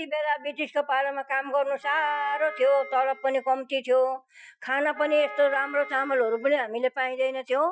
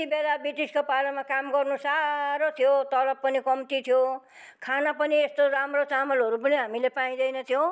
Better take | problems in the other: second | noise reduction (classical method Wiener filter)

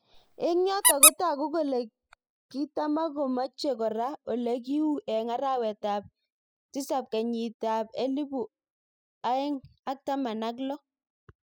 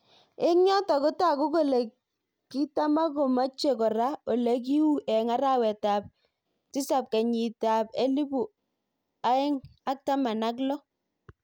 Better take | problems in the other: second | noise reduction (classical method spectral subtraction)

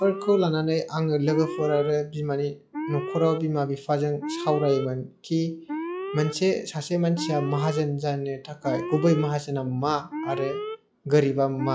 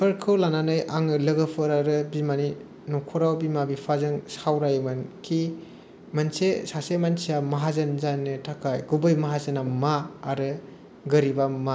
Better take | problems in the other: second | noise reduction (classical method log-MMSE)

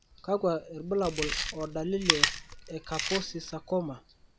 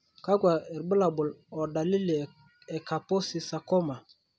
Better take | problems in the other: second | background sound (Chewing, mastication); 2 dB below the speech

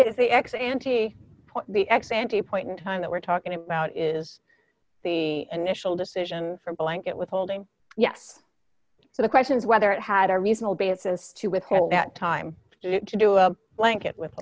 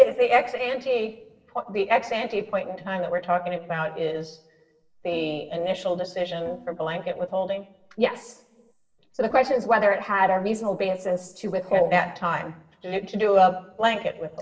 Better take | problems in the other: first | noise reduction (neural separator model SepFormer DNS4)

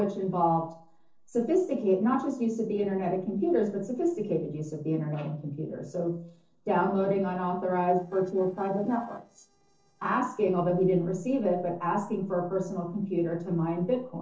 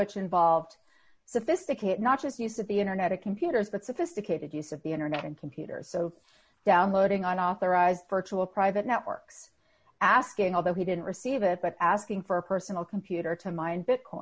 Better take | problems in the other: second | noise reduction (neural separator model SepFormer DNS4)

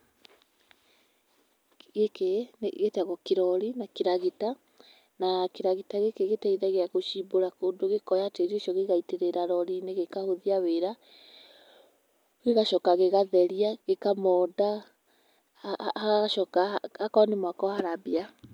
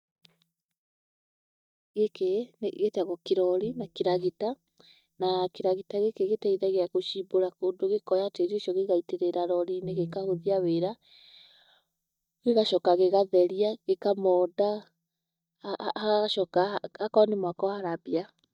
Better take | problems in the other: first | noise reduction (neural mask model DeepFilterNet 3)

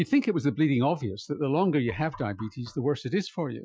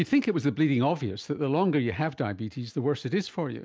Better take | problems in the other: second | noise reduction (classical method Wiener filter)

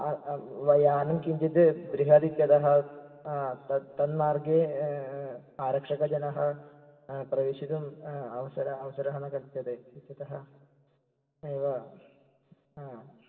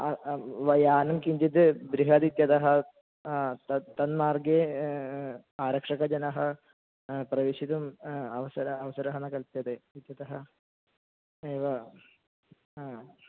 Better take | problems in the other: second | room echo; dies away in 2.4 s

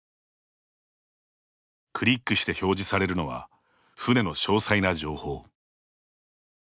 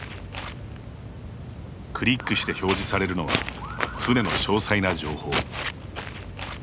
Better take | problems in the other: first | background sound (Walk, footsteps); 4 dB below the speech

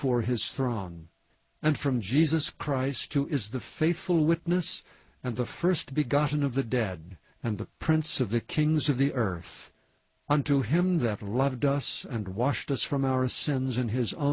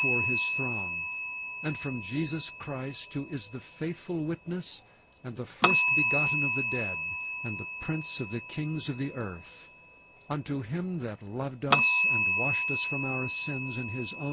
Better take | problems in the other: first | background sound (Bell); 3 dB above the speech

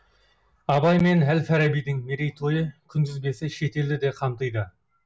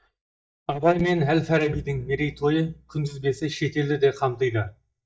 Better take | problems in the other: first | noise reduction (neural mask model DeepFilterNet 3)

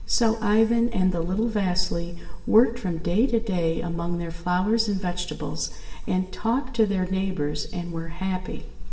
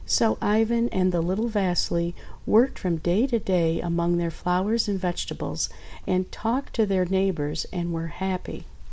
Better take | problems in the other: second | room echo; dies away in 1.1 s

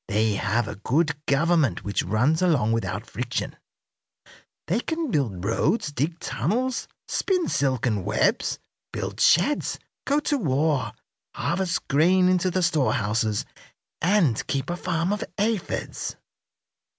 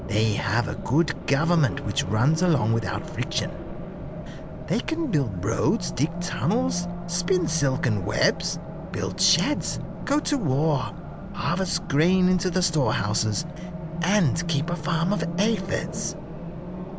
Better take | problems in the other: first | background sound (Race car, auto racing); 7 dB below the speech

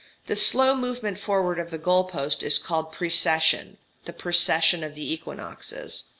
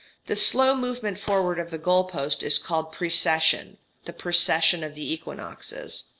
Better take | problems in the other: first | noise reduction (neural separator model SepFormer DNS4)

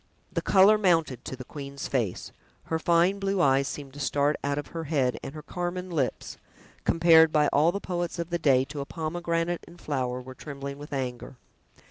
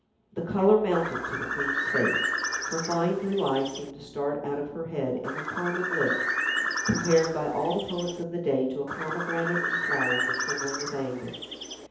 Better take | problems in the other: first | background sound (Bird); 2 dB below the speech // room echo; dies away in 2.2 s

